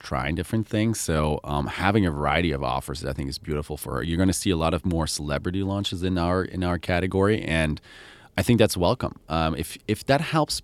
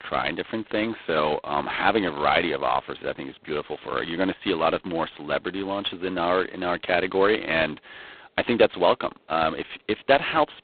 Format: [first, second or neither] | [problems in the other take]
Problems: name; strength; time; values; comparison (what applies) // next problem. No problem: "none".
first | phone-call audio; poor line; nothing above 4 kHz